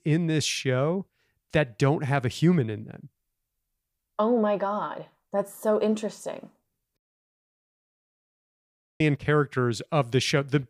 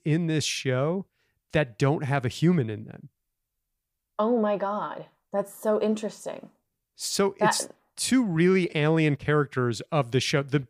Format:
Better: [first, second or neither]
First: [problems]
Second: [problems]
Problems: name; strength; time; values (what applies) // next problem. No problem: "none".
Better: second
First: audio cutting out; at 7 s for 2 s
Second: none